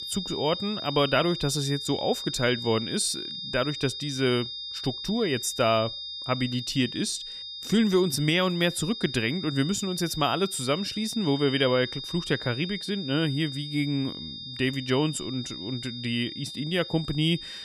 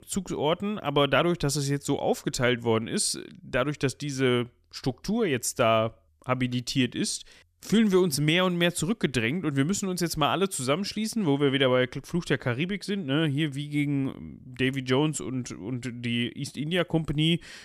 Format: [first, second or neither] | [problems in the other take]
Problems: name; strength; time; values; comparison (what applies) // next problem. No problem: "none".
second | high-pitched whine; loud; throughout; 3.5 kHz, 7 dB below the speech